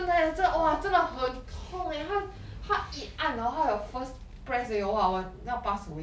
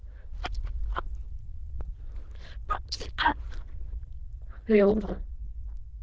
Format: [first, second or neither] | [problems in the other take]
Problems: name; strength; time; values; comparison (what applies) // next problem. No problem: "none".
first | noise reduction (neural diffusion model UNIVERSE++)